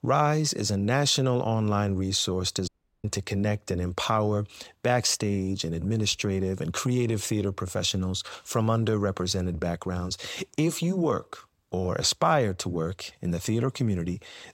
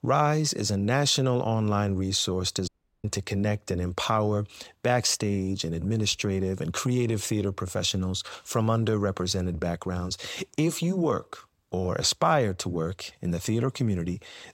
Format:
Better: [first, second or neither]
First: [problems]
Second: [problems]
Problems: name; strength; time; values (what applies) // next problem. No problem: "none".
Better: neither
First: audio cutting out; at 2.5 s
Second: audio cutting out; at 2.5 s